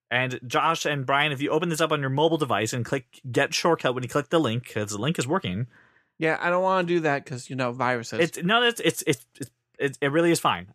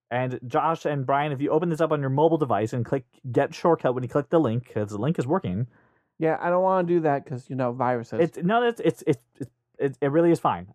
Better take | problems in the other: first | muffled; very; fading above 1.5 kHz

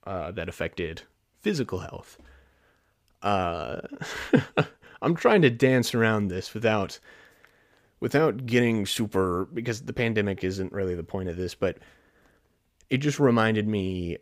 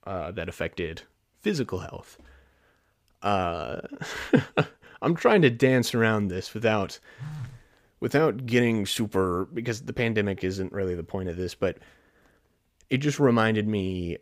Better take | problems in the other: first | phone ringing; faint; at 7 s; peak 10 dB below the speech

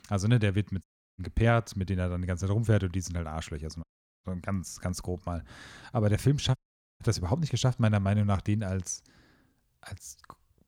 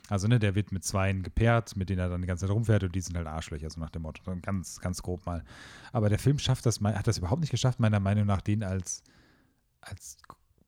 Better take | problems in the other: second | audio cutting out; at 1 s, at 4 s and at 6.5 s

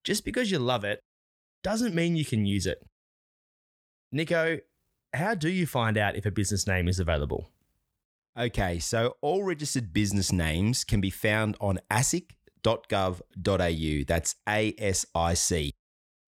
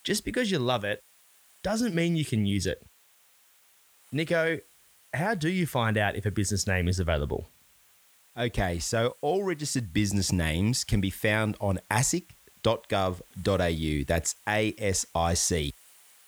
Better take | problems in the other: first | hiss; faint; throughout; 30 dB below the speech

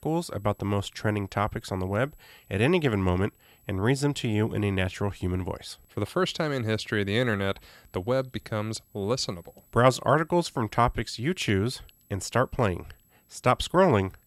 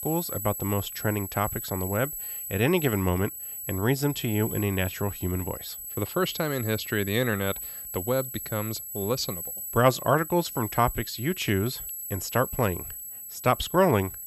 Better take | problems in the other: first | high-pitched whine; loud; throughout; 11.5 kHz, 7 dB below the speech; faint in the first

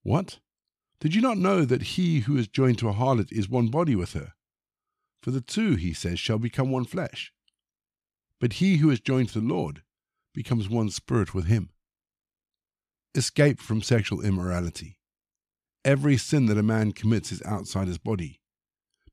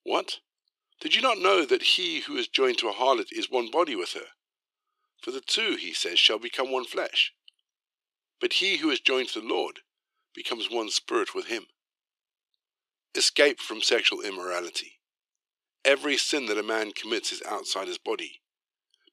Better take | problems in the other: first | thin; very; fading below 350 Hz

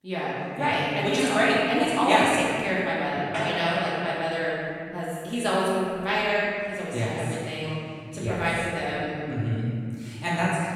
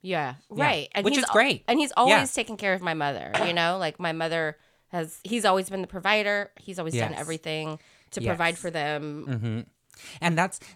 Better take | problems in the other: second | room echo; strong; dies away in 2.3 s // off-mic speech; far

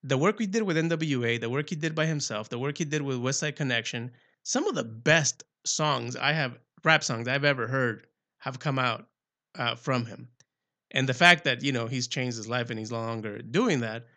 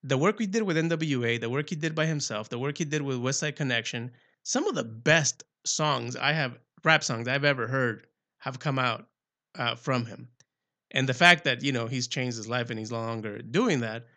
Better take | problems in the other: neither | none

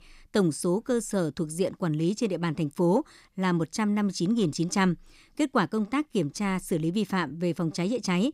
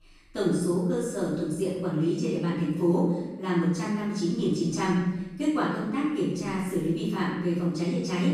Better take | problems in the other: first | off-mic speech; far // room echo; strong; dies away in 0.9 s

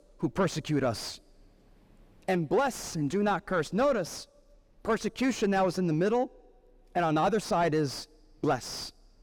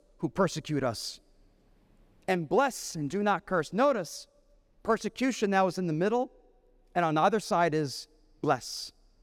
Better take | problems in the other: second | distortion; slight; 10 dB below the speech

